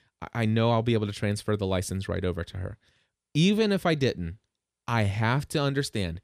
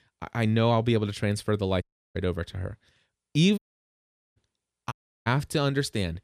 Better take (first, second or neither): first